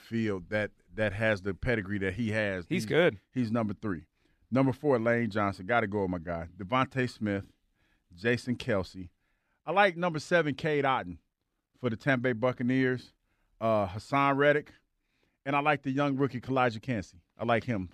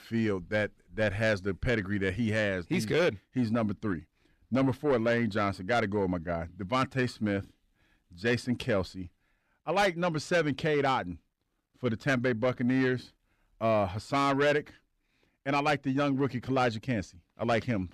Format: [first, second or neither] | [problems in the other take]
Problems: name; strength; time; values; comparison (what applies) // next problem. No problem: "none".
first | distortion; slight; 10 dB below the speech